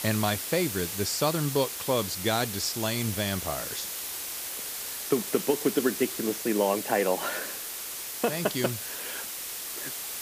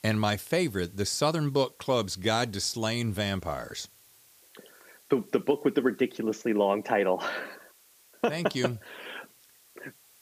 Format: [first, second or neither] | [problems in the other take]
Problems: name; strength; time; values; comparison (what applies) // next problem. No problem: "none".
second | hiss; loud; throughout; 4 dB below the speech; faint in the second